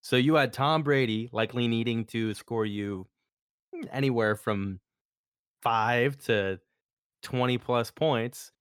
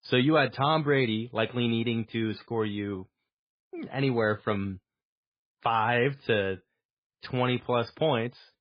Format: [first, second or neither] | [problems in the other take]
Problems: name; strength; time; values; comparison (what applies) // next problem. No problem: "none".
first | garbled, watery; badly